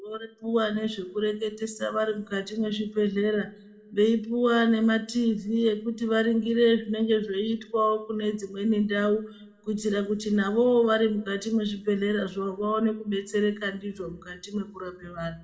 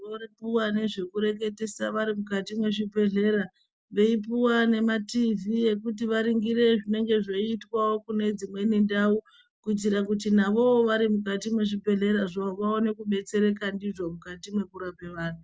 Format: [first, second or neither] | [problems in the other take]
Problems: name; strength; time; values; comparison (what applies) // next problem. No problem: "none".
second | room echo; dies away in 0.7 s